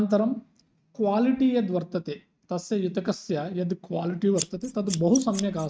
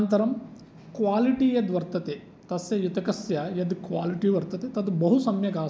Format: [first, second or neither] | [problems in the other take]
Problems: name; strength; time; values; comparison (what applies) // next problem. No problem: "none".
second | noise reduction (neural mask model RNNoise)